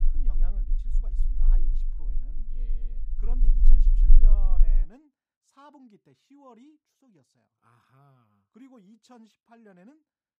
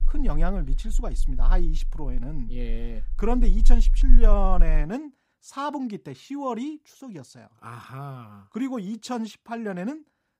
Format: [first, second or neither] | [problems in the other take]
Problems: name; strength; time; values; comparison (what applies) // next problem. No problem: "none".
second | low rumble; loud; until 5 s; 1 dB below the speech; faint in the second